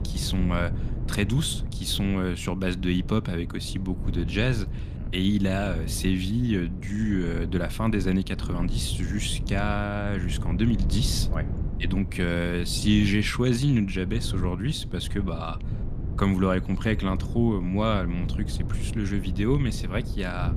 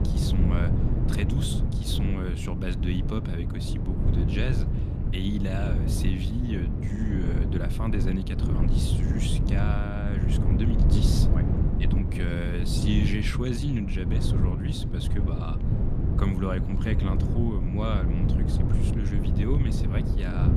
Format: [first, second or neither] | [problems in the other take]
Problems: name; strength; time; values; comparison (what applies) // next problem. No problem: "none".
first | wind noise on the microphone; heavy; 1 dB below the speech; occasional gusts in the first